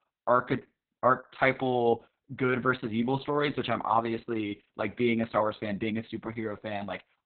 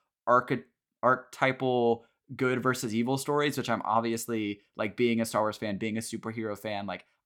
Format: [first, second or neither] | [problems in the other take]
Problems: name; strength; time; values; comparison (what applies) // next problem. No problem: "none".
second | garbled, watery; badly; nothing above 4 kHz